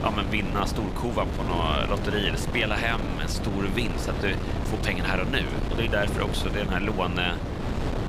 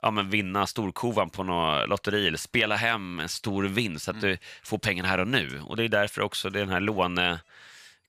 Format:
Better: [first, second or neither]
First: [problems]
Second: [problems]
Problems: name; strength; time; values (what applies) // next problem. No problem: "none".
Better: second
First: wind noise on the microphone; heavy; 6 dB below the speech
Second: none